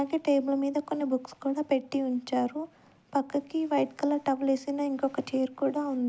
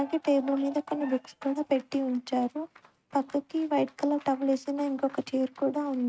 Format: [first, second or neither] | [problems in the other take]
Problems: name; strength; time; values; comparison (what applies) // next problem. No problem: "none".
first | noise reduction (neural mask model RNNoise)